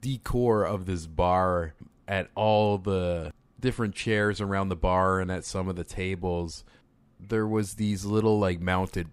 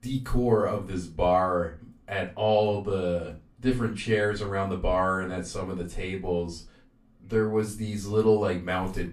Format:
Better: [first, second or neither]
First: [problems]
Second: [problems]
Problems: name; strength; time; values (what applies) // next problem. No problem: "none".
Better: first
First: none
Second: off-mic speech; far // room echo; very slight; dies away in 0.2 s